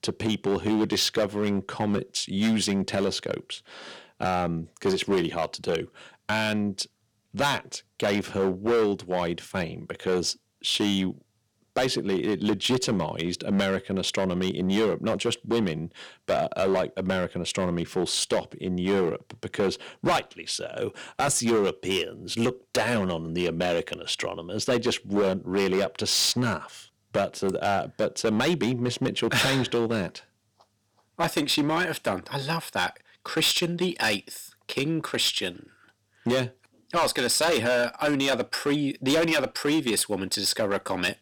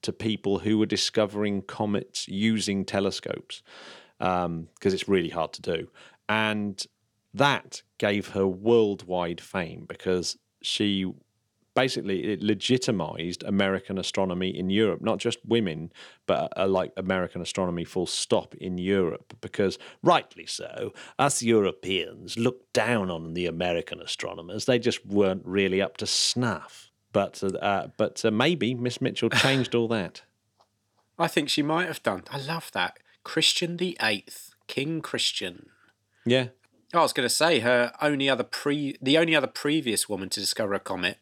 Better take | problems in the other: second | distortion; heavy; 8% of the sound clipped

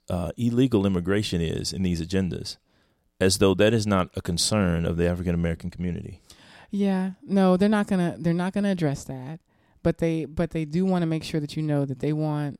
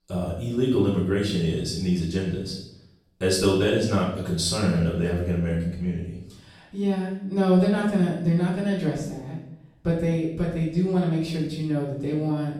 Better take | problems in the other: first | off-mic speech; far // room echo; noticeable; dies away in 0.7 s

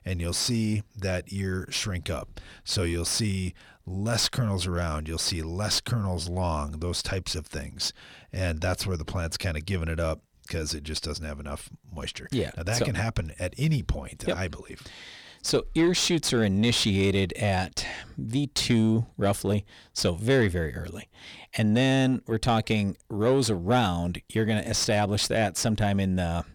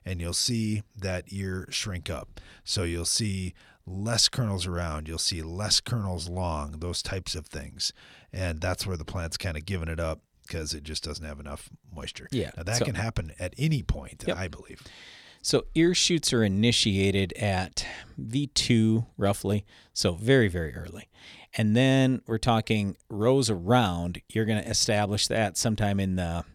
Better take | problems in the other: second | distortion; slight; 10 dB below the speech

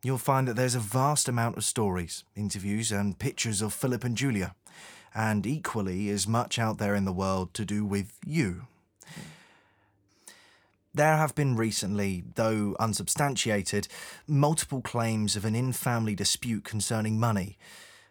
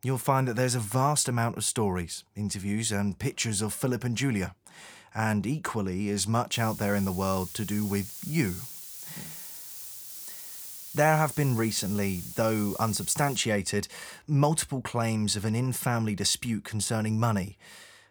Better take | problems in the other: first | hiss; noticeable; from 6.5 to 13 s; 10 dB below the speech

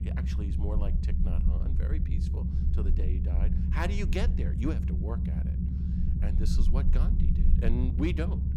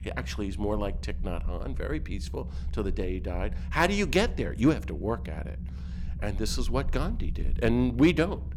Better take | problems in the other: second | low rumble; loud; throughout; 3 dB below the speech; faint in the second

